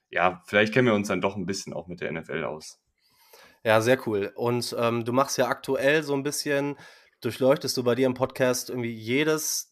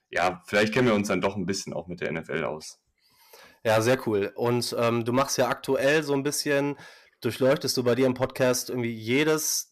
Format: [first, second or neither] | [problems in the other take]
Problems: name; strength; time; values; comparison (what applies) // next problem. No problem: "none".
first | distortion; slight; 4% of the sound clipped